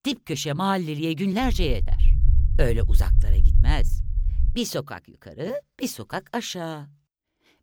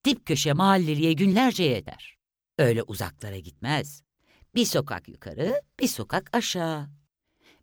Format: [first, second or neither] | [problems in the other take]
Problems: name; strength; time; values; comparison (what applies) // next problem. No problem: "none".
second | low rumble; noticeable; from 1.5 to 4.5 s; 15 dB below the speech